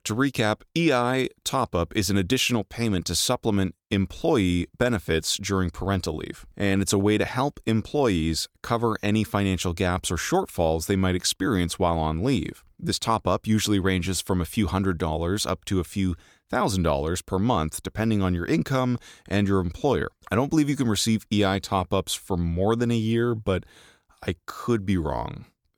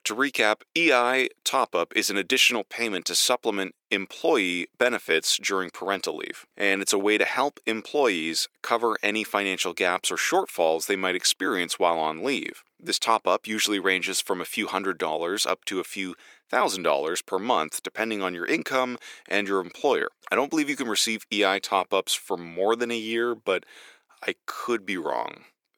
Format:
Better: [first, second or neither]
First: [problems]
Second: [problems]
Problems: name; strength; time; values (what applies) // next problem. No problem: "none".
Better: first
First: none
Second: thin; somewhat; fading below 350 Hz